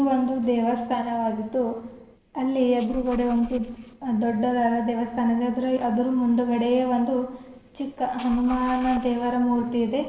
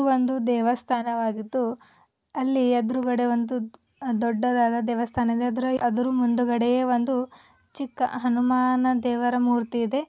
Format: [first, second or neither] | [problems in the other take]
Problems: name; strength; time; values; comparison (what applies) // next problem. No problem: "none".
second | noise reduction (neural separator model SepFormer DNS4)